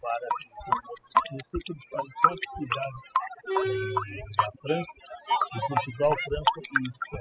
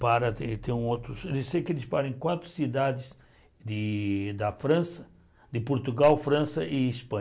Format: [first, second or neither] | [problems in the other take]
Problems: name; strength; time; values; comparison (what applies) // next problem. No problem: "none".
second | noise reduction (classical method spectral subtraction)